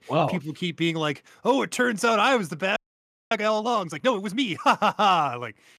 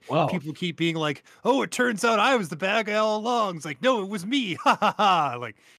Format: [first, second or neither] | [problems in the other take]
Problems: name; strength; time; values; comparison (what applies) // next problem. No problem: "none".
second | audio freezing; at 3 s for 0.5 s